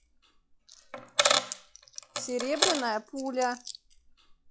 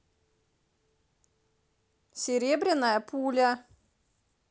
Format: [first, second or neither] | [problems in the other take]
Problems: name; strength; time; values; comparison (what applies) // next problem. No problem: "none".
second | noise reduction (classical method log-MMSE)